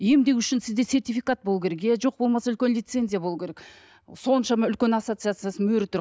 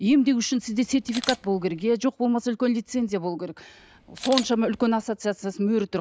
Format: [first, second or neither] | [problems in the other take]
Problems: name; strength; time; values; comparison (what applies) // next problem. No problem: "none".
first | background sound (Camera); 12 dB below the speech